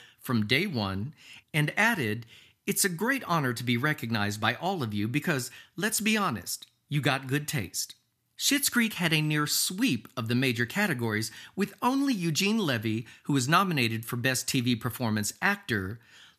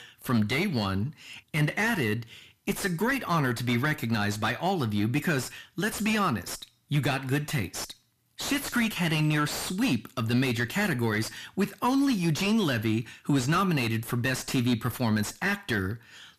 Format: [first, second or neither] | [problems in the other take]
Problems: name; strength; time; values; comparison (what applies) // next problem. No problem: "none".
first | distortion; heavy; 7 dB below the speech